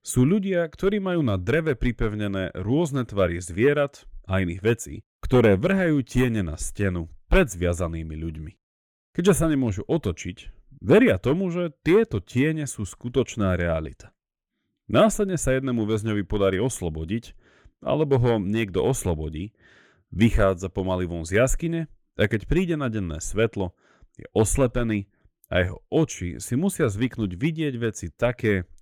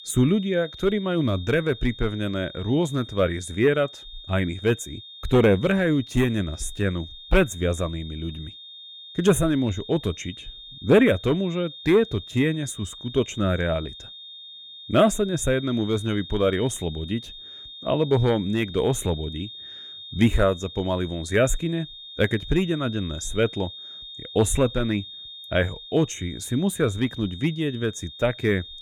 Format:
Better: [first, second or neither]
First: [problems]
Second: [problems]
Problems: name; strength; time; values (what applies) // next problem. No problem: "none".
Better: first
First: none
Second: high-pitched whine; noticeable; throughout; 3.5 kHz, 15 dB below the speech